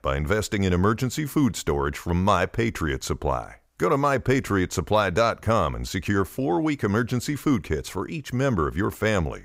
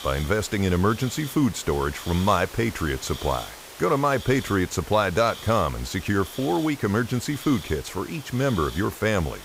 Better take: first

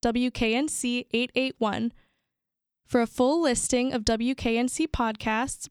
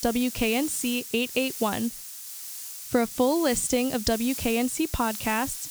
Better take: first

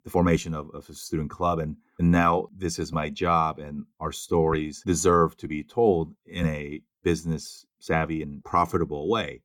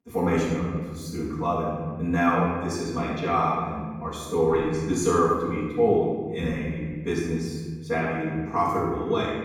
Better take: first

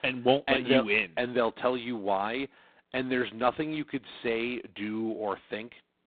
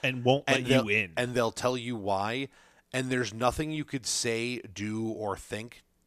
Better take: second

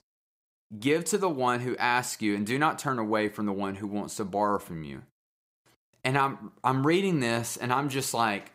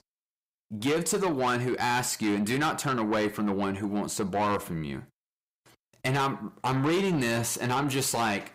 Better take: first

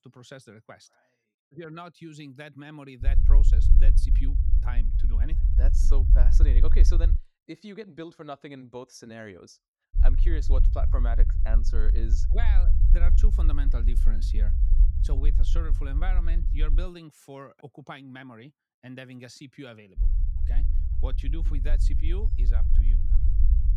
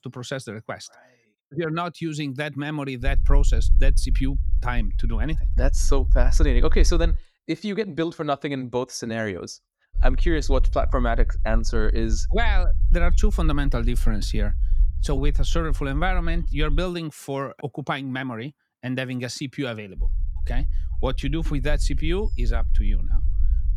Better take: second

